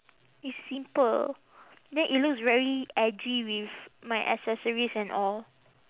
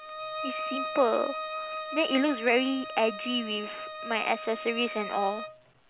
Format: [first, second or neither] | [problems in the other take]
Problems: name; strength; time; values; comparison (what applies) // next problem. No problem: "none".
first | background sound (Bowed string instrument); 7 dB below the speech